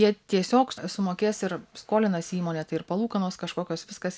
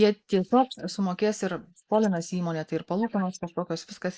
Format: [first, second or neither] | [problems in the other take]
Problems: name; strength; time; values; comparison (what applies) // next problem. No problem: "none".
first | noise reduction (neural mask model Resemble Enhance denoiser)